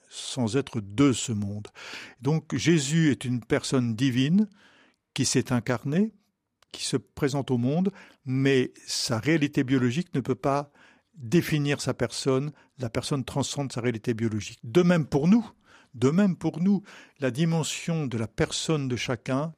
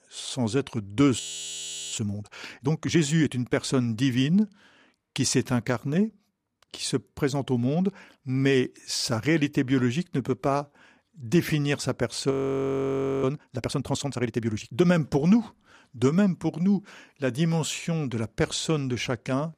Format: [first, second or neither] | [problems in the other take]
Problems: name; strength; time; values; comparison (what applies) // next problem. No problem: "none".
first | audio freezing; at 1 s for 0.5 s and at 12 s for 1 s